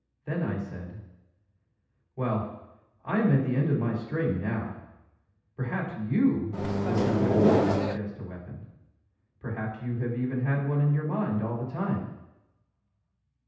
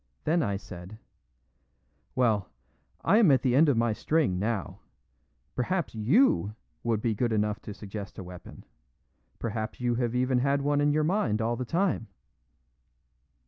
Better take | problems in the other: second | background sound (Microwave oven); 5 dB above the speech // room echo; dies away in 0.9 s

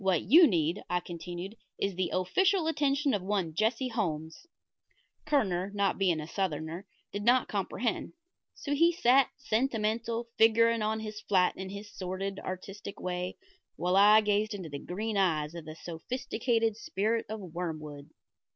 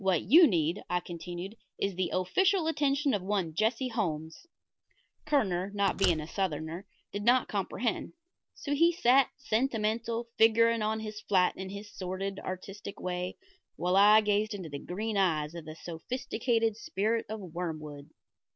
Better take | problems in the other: first | background sound (Slam); 11 dB below the speech

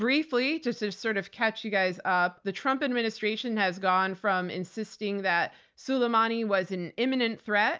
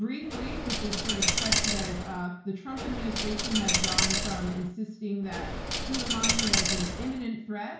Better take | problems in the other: first | background sound (Coin (dropping)); 4 dB above the speech // room echo; dies away in 0.6 s

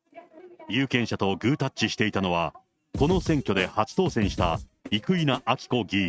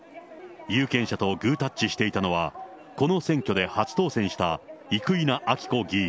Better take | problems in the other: second | noise reduction (neural mask model RNNoise)

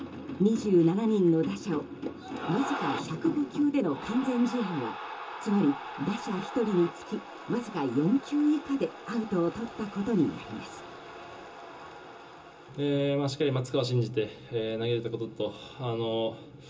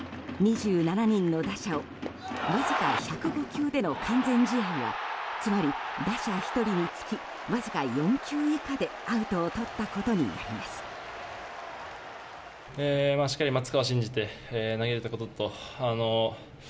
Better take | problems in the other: second | room echo; dies away in 0.2 s

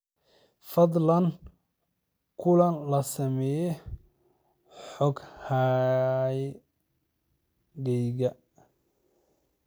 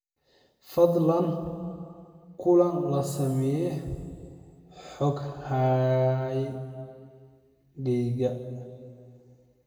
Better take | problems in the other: first | room echo; dies away in 2 s

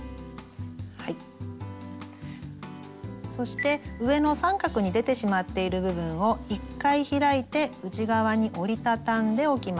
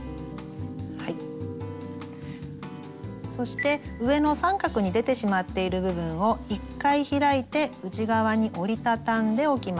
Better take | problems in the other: first | background sound (Piano); 17 dB below the speech

